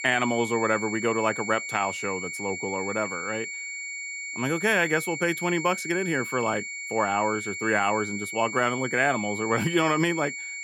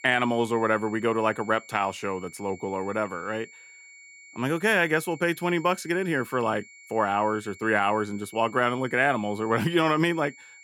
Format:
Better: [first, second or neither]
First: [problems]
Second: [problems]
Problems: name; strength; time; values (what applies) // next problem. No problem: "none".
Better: second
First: high-pitched whine; loud; throughout; 2 kHz, 6 dB below the speech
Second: high-pitched whine; faint; throughout; 2 kHz, 20 dB below the speech